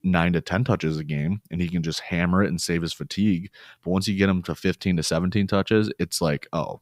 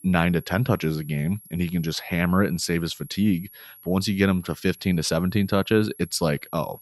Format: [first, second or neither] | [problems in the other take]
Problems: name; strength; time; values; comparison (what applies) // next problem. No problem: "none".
first | high-pitched whine; faint; throughout; 11.5 kHz, 20 dB below the speech